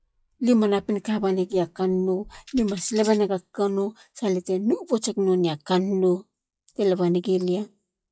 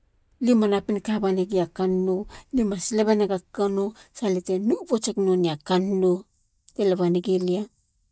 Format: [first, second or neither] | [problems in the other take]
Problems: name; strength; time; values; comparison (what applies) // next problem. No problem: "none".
second | noise reduction (classical method log-MMSE)